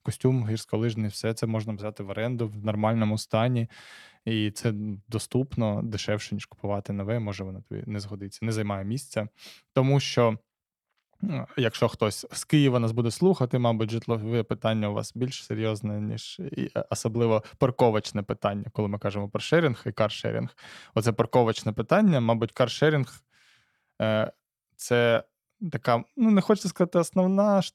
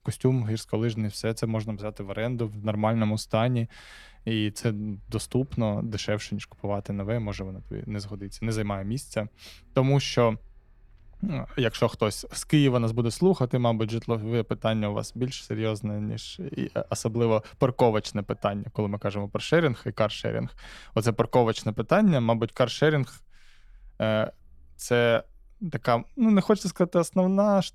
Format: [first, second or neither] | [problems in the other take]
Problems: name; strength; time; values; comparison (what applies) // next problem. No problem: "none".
first | traffic noise; faint; throughout; 30 dB below the speech